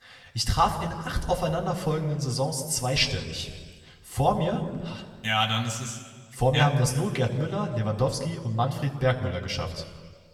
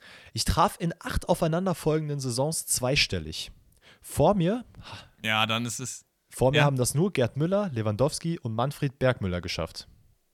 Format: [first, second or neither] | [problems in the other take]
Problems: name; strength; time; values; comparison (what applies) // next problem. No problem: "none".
second | room echo; slight; dies away in 1.6 s // off-mic speech; somewhat distant